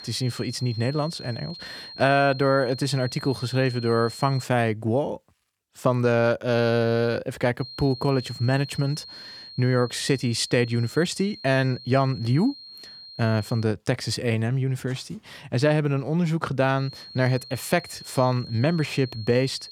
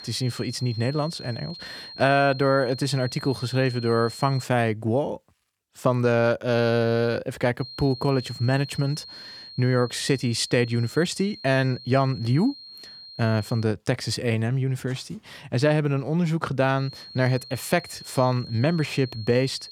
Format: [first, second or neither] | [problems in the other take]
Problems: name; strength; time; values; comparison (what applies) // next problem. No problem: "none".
neither | high-pitched whine; noticeable; until 4.5 s, from 7.5 to 14 s and from 17 s on; 4 kHz, 15 dB below the speech; the same in both